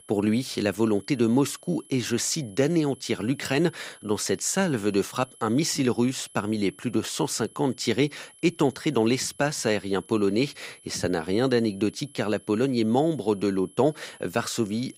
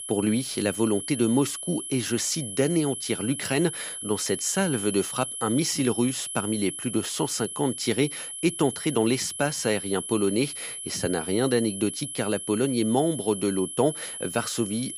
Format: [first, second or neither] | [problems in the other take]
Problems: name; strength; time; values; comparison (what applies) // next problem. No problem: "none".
first | high-pitched whine; loud; throughout; 11 kHz, 7 dB below the speech; faint in the first